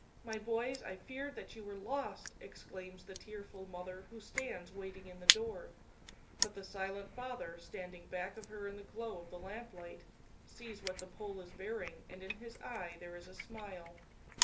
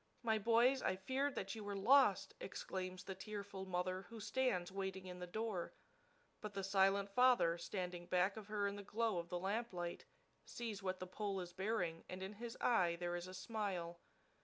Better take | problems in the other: second | background sound (Crushing); as loud as the speech // room echo; dies away in 0.3 s

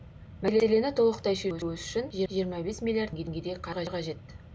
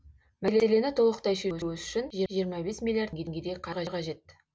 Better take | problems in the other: second | background sound (Mechanisms); 18 dB below the speech

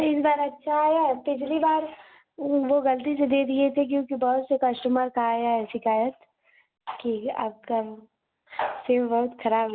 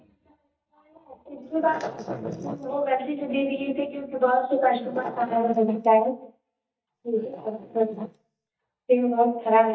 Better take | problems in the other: first | noise reduction (neural mask model DeepFilterNet 3)

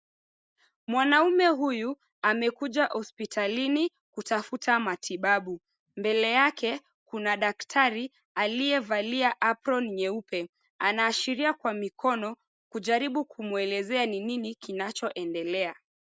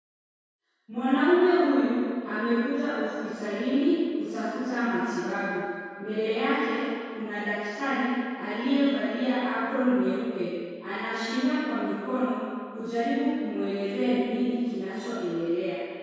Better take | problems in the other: first | room echo; dies away in 2 s

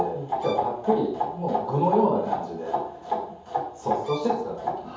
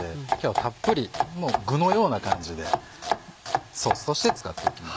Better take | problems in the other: second | background sound (Bowed string instrument); 18 dB below the speech // room echo; dies away in 0.7 s

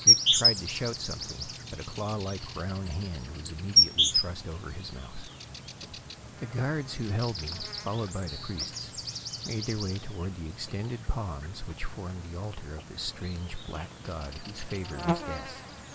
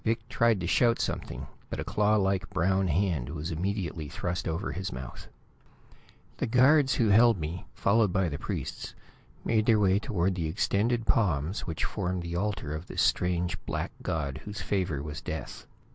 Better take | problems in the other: second | background sound (Insect); 4 dB above the speech

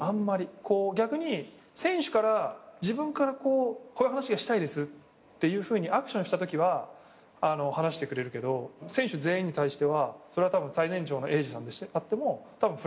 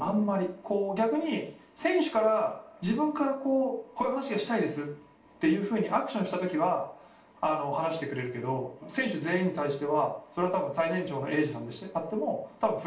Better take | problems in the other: first | room echo; dies away in 0.3 s

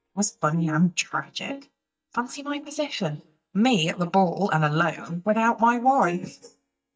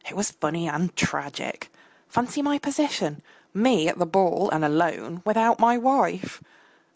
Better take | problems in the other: second | noise reduction (neural mask model DeepFilterNet 3)

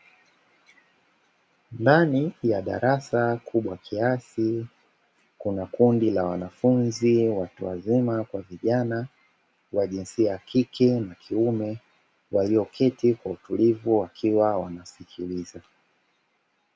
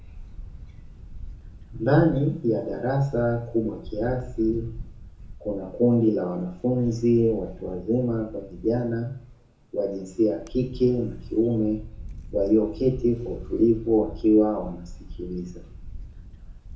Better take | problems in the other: first | background sound (Camera); 14 dB below the speech // room echo; dies away in 0.5 s

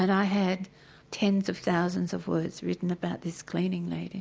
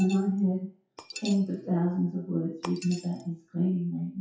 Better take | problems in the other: first | noise reduction (classical method WPE with log-MMSE)

